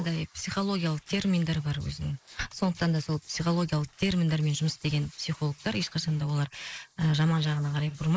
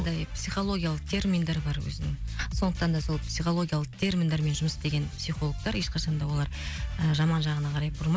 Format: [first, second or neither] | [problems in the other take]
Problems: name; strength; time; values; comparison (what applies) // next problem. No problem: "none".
second | noise reduction (neural mask model Resemble Enhance denoiser)